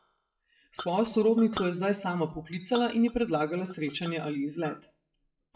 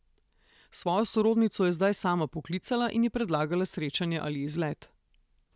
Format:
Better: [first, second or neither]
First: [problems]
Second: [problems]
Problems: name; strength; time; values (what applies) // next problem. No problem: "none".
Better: second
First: noise reduction (classical method WPE with log-MMSE)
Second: none